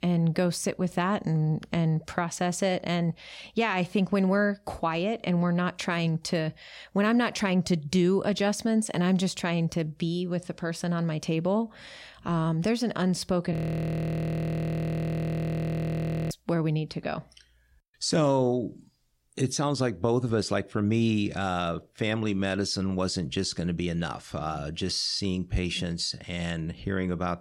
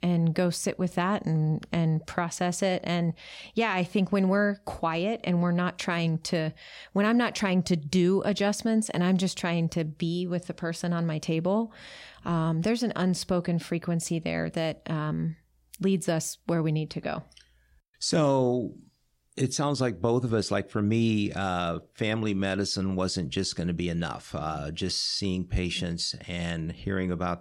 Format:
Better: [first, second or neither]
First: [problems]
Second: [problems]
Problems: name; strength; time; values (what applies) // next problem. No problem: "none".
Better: second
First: audio freezing; at 14 s for 3 s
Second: none